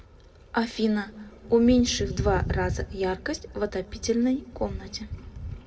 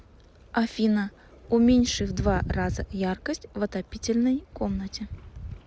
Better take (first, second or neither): second